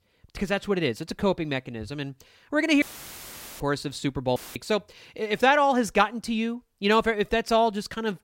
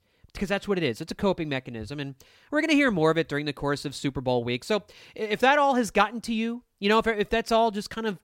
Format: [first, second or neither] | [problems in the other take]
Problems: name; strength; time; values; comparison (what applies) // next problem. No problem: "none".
second | audio cutting out; filled with static; at 3 s for 1 s and at 4.5 s